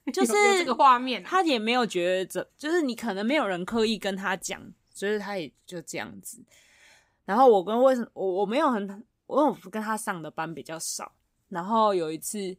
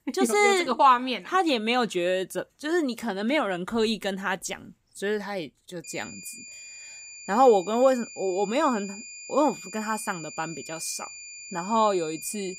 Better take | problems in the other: first | high-pitched whine; noticeable; from 6 s on; 2.5 kHz, 15 dB below the speech

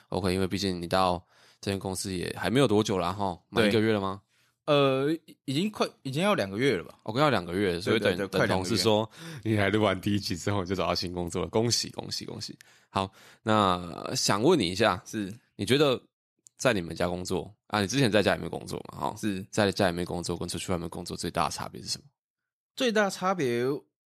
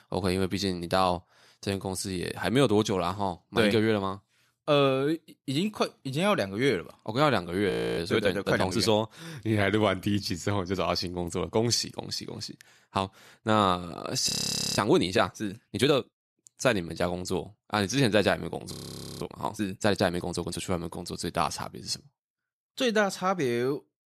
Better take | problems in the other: first | audio freezing; at 7.5 s, at 14 s and at 19 s

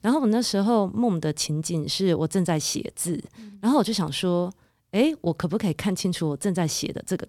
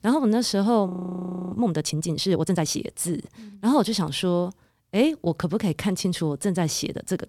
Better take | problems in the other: first | audio freezing; at 1 s for 0.5 s

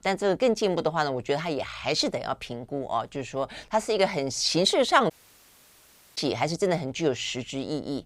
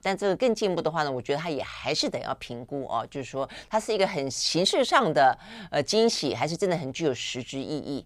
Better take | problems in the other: second | audio cutting out; at 5 s for 1 s

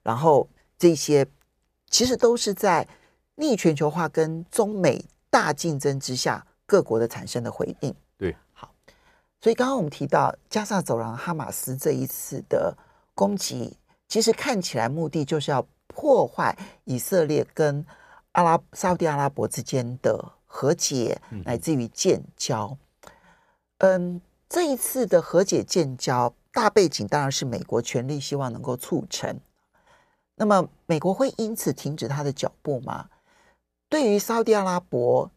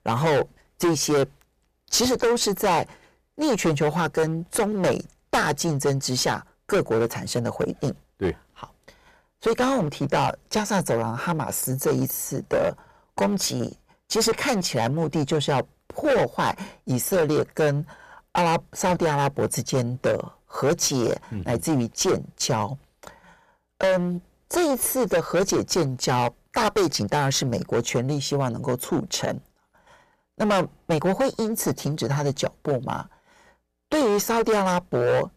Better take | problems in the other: first | distortion; heavy; 12% of the sound clipped

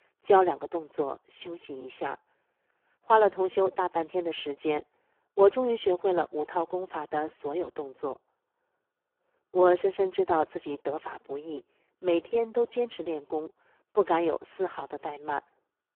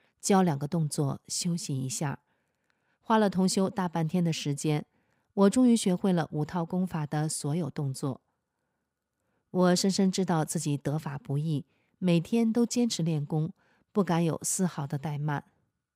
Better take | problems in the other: second | phone-call audio; poor line

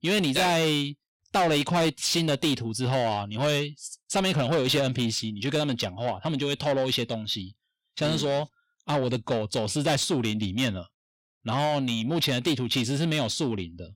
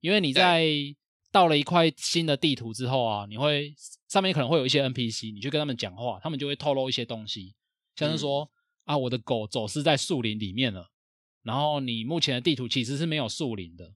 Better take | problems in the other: second | distortion; heavy; 7 dB below the speech

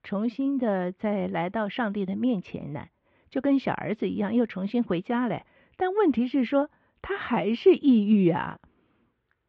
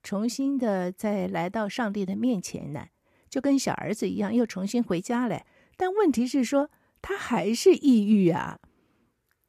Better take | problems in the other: second | muffled; very; fading above 3.5 kHz

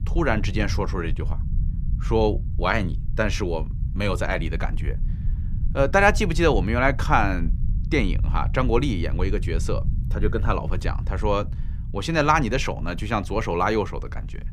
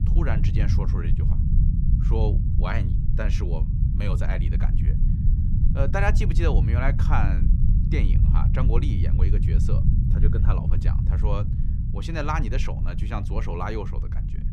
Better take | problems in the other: first | low rumble; loud; throughout; 5 dB below the speech; faint in the first

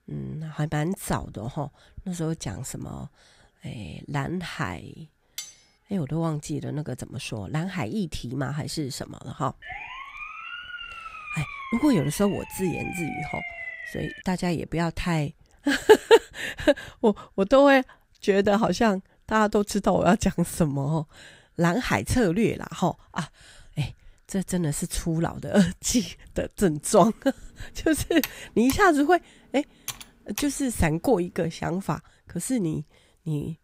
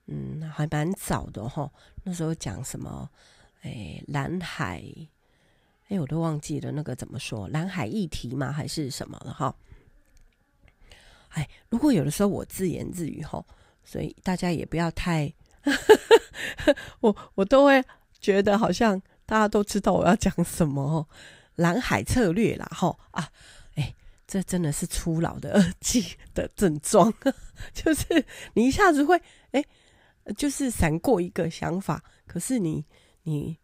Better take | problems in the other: second | clattering dishes; faint; at 5.5 s; peak 10 dB below the speech // siren; noticeable; from 9.5 to 14 s; peak 8 dB below the speech // keyboard typing; noticeable; from 27 to 30 s; peak 9 dB below the speech

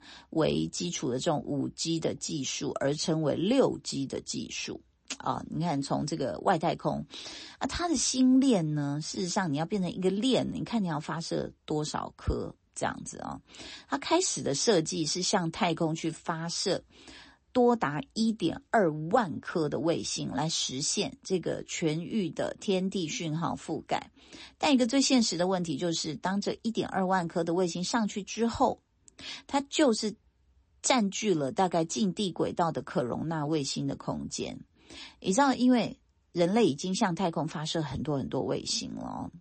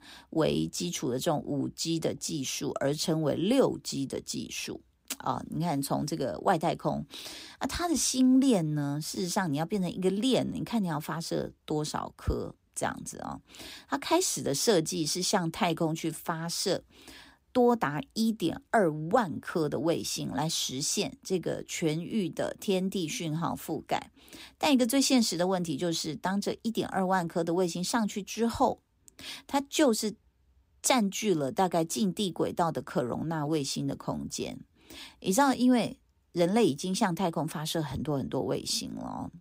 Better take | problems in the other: second | garbled, watery; slightly; nothing above 8 kHz

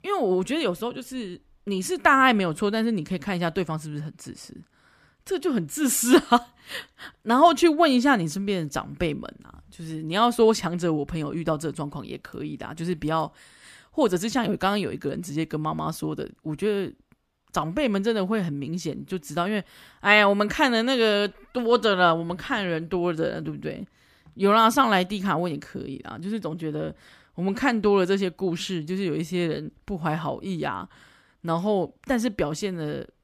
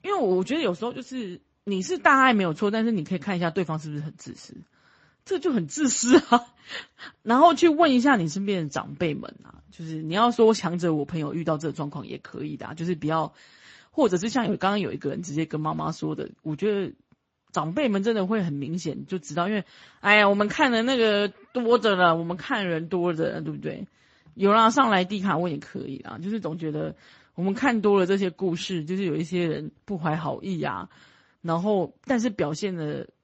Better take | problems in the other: first | garbled, watery; slightly; nothing above 7.5 kHz

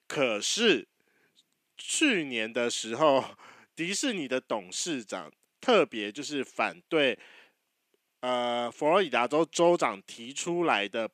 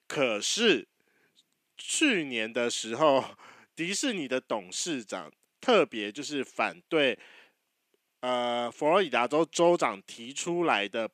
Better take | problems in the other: neither | thin; very slightly; fading below 250 Hz; the same in both

